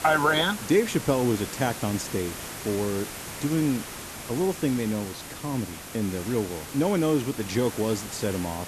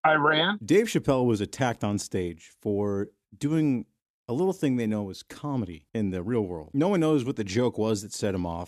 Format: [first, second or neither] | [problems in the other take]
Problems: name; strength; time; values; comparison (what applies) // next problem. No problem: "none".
second | hiss; loud; throughout; 9 dB below the speech